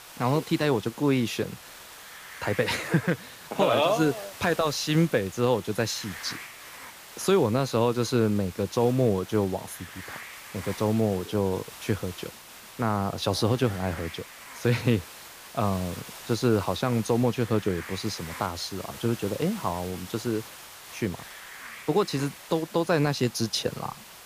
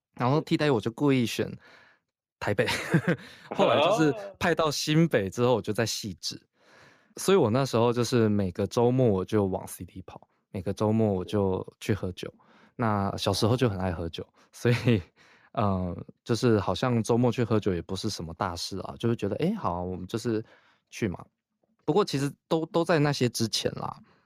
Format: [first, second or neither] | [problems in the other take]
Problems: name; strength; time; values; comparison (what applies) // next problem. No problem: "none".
second | hiss; noticeable; throughout; 15 dB below the speech